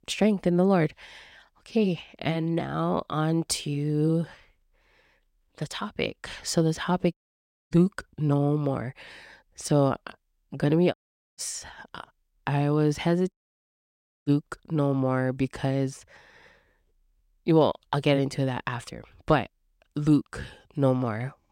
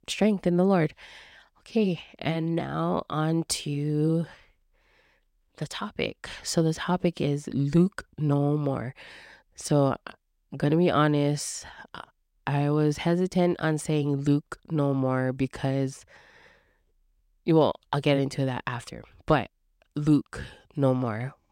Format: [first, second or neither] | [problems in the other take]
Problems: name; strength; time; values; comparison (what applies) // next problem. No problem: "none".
second | audio cutting out; at 7 s for 0.5 s, at 11 s and at 13 s for 1 s